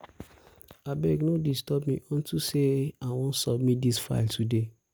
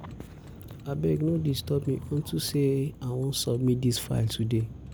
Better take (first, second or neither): first